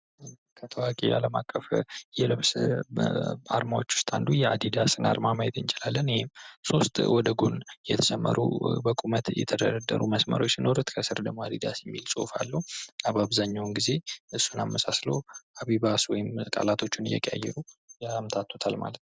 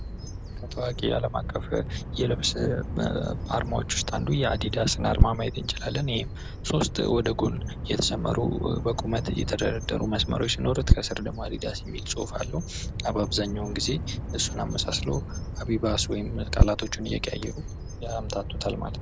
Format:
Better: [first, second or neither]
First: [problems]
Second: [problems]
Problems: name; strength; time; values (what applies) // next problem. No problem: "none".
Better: first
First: none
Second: background sound (Bird vocalization, bird call, bird song); 1 dB below the speech